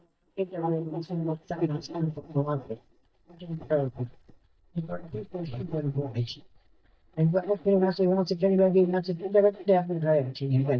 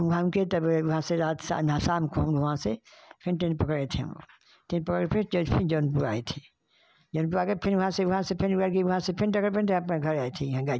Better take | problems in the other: second | noise reduction (neural mask model DeepFilterNet 3)

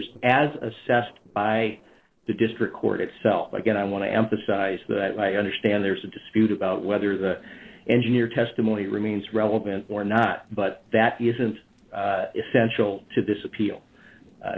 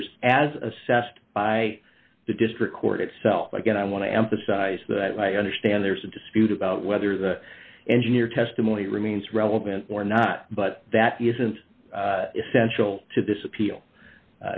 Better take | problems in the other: second | noise reduction (neural separator model SepFormer DNS4)

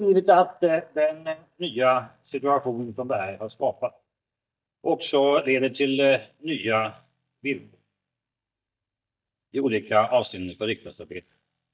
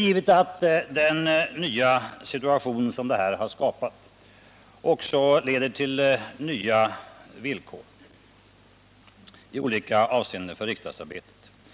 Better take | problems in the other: second | noise reduction (neural mask model DeepFilterNet 3)

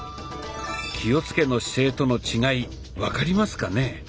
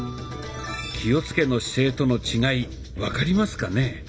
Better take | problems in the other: first | background sound (Piano); 18 dB below the speech // room echo; dies away in 0.5 s

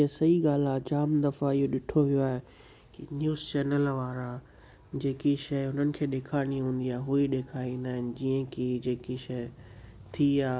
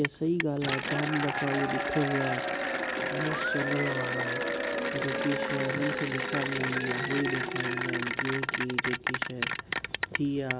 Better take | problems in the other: first | background sound (Applause / Cheering); 2 dB above the speech

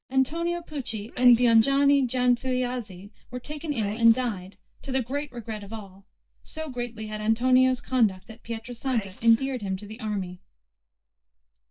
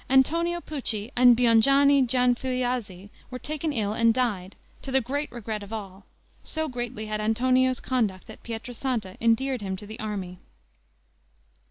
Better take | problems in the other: second | noise reduction (neural mask model DeepFilterNet 3)

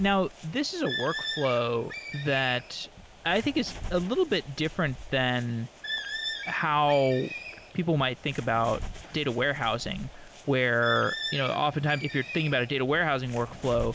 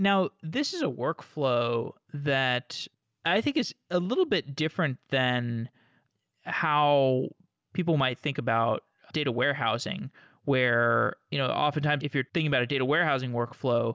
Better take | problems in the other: second | background sound (Bird); 11 dB below the speech

